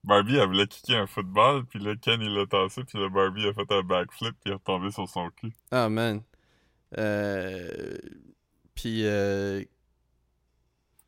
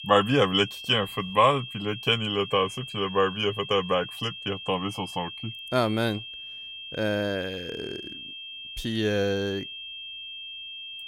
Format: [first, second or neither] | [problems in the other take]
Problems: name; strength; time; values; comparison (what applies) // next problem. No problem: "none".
first | high-pitched whine; noticeable; throughout; 3 kHz, 10 dB below the speech